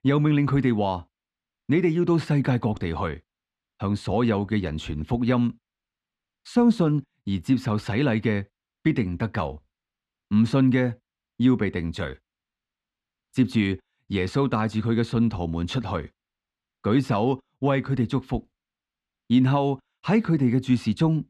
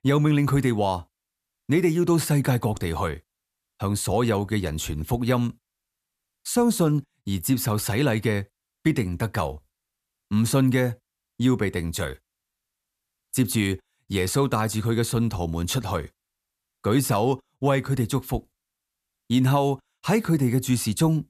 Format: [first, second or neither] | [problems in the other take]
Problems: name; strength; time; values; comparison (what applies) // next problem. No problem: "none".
second | muffled; slightly; fading above 3 kHz